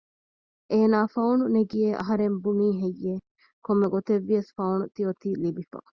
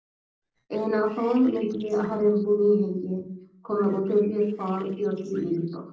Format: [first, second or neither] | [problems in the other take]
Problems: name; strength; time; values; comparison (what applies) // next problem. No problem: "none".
first | noise reduction (neural separator model SepFormer DNS4)